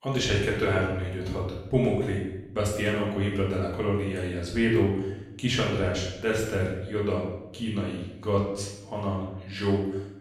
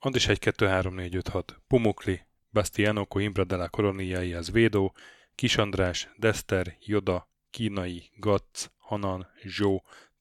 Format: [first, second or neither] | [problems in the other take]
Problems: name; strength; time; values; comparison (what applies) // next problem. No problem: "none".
second | room echo; noticeable; dies away in 0.8 s // off-mic speech; far